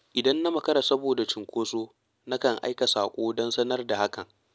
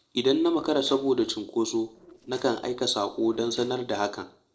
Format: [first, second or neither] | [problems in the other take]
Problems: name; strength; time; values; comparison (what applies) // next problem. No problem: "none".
first | noise reduction (neural separator model SepFormer DNS4)